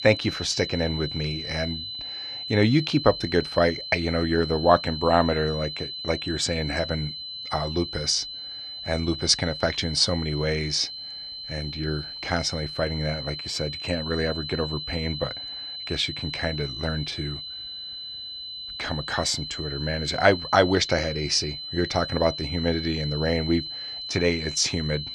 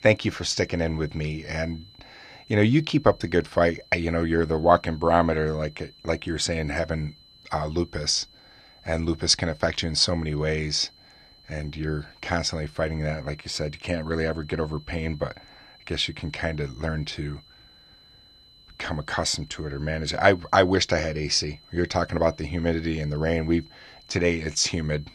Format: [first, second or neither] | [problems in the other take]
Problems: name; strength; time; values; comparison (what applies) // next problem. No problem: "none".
second | high-pitched whine; loud; throughout; 4 kHz, 7 dB below the speech; faint in the second